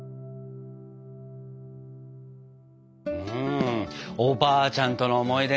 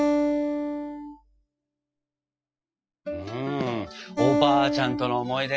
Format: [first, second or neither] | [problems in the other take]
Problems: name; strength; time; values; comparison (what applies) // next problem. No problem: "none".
first | noise reduction (classical method Wiener filter)